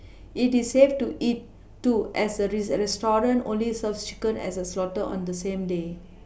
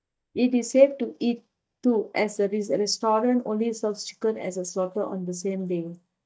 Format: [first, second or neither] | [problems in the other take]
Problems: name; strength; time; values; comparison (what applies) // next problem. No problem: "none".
first | noise reduction (neural mask model DeepFilterNet 3)